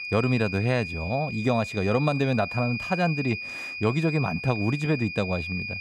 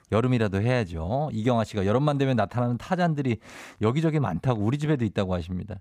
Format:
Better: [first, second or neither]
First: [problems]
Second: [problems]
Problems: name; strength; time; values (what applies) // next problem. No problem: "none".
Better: second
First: high-pitched whine; loud; throughout; 2.5 kHz, 7 dB below the speech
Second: none